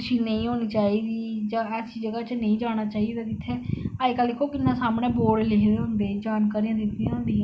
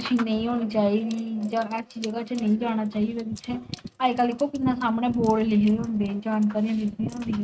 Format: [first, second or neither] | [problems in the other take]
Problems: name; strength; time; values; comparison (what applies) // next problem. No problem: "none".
first | noise reduction (neural mask model RNNoise)